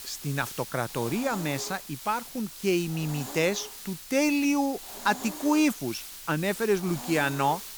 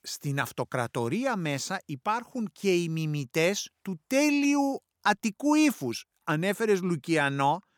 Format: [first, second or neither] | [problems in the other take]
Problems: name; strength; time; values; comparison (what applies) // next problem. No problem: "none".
second | hiss; noticeable; throughout; 10 dB below the speech